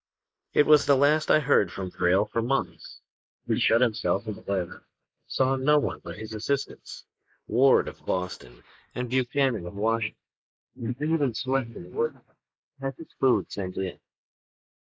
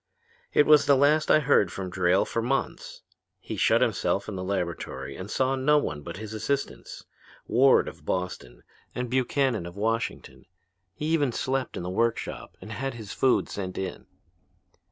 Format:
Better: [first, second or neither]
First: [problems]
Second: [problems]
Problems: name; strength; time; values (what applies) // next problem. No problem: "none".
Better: second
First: noise reduction (neural mask model Resemble Enhance denoiser)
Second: none